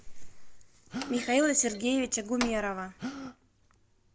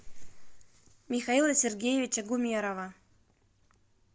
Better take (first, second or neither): second